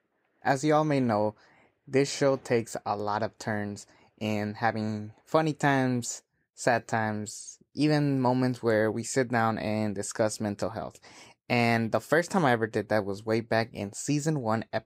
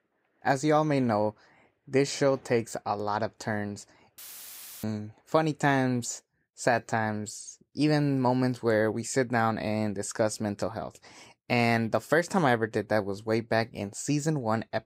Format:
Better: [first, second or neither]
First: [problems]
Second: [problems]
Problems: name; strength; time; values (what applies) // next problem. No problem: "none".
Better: first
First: none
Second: audio cutting out; filled with static; at 4 s for 0.5 s